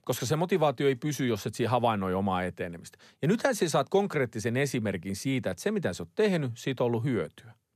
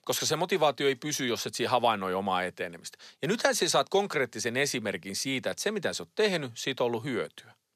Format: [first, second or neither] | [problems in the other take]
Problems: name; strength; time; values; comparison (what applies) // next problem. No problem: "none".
first | thin; very slightly; fading below 1 kHz